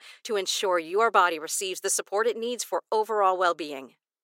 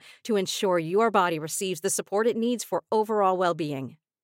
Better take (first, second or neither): second